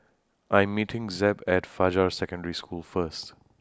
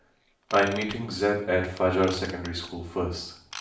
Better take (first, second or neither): first